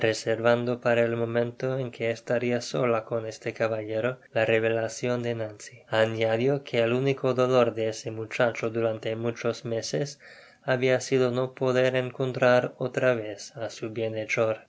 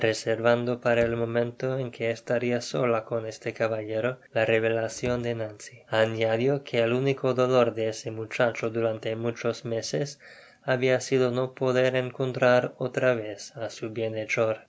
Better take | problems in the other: first | background sound (Slam / Wood); 20 dB below the speech

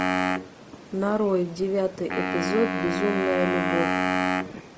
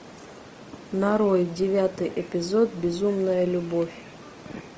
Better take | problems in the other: second | background sound (Wind instrument, woodwind instrument); as loud as the speech

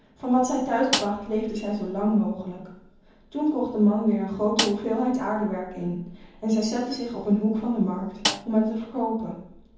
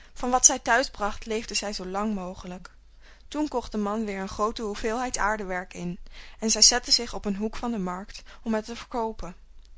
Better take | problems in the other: second | background sound (Snare drum); 6 dB below the speech // room echo; dies away in 0.9 s

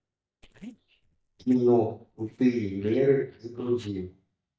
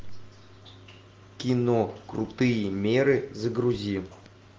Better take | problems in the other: second | noise reduction (neural mask model DeepFilterNet 3)

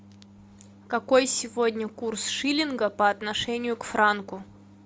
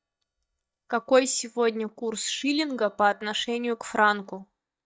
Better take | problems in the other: first | noise reduction (neural mask model DeepFilterNet 3)

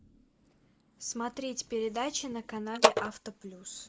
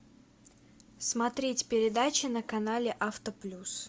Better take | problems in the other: second | noise reduction (neural mask model Resemble Enhance denoiser)

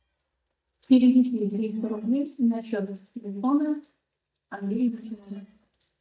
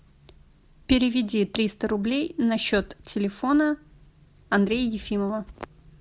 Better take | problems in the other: second | noise reduction (neural mask model DeepFilterNet 3)

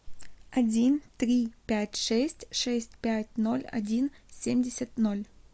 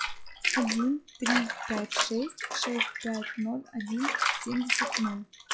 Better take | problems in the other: first | noise reduction (classical method log-MMSE)

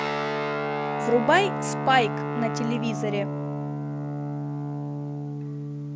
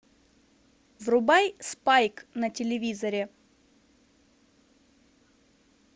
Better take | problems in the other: second | background sound (Guitar); 1 dB below the speech

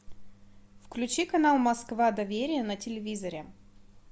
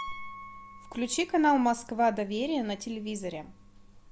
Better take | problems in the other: first | background sound (Piano); 19 dB below the speech

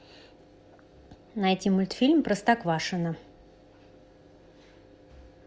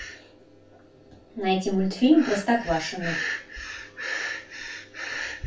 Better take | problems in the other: first | background sound (Breathing); 9 dB below the speech // room echo; dies away in 0.3 s

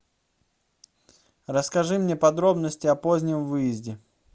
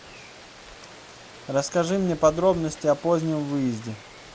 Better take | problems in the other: first | background sound (Rain); 18 dB below the speech

